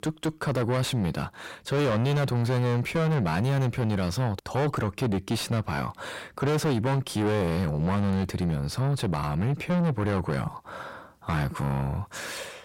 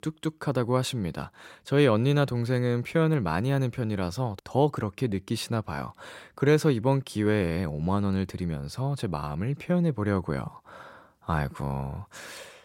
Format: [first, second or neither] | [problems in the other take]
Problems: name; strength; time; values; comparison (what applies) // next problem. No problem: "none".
second | distortion; heavy; 6 dB below the speech